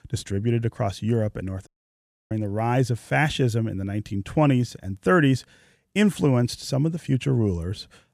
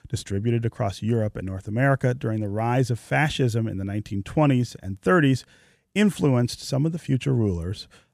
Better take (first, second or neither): second